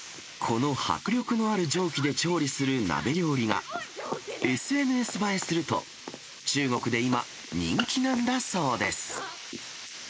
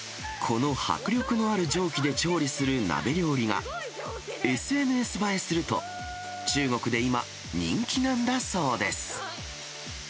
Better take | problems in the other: second | noise reduction (neural mask model Resemble Enhance denoiser)

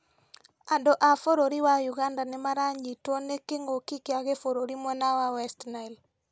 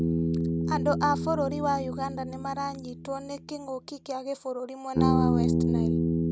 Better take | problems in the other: first | background sound (Bass guitar); 4 dB above the speech

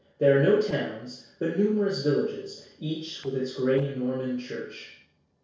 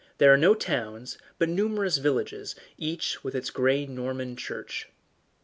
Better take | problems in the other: second | noise reduction (neural separator model SepFormer DNS4)

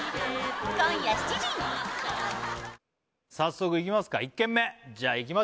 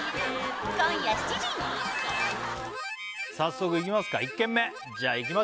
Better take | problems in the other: first | background sound (Harmonica); 8 dB below the speech

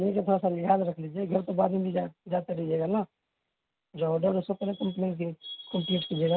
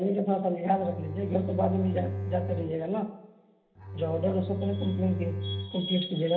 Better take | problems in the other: first | background sound (Bowed string instrument); 5 dB below the speech // room echo; dies away in 0.8 s

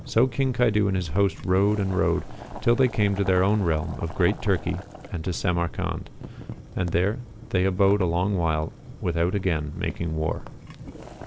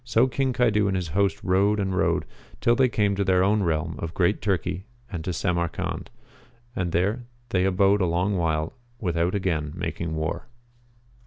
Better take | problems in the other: second | background sound (Boiling); 16 dB below the speech

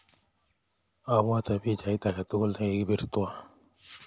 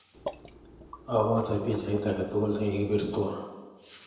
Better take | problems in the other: first | background sound (Water / Liquid); 15 dB below the speech // room echo; dies away in 1 s

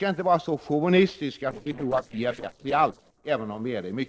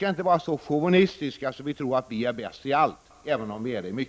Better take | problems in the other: second | noise reduction (neural separator model SepFormer DNS4)

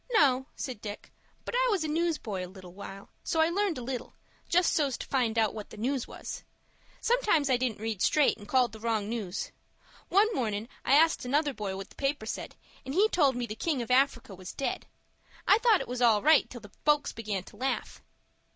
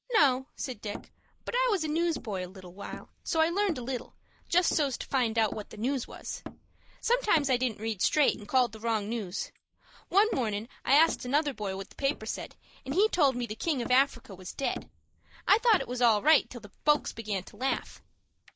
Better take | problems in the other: first | noise reduction (neural mask model Resemble Enhance denoiser)

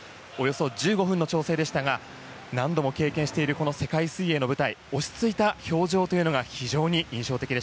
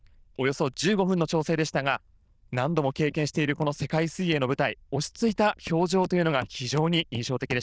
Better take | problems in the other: first | noise reduction (neural diffusion model UNIVERSE++)

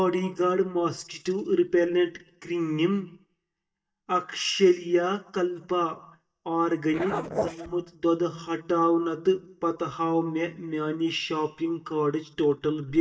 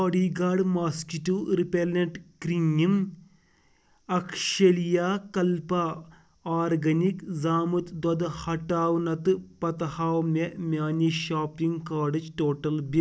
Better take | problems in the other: second | noise reduction (neural mask model DeepFilterNet 3)

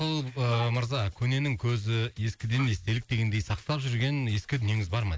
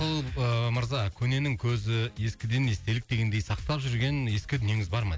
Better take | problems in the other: second | noise reduction (neural mask model Resemble Enhance denoiser)

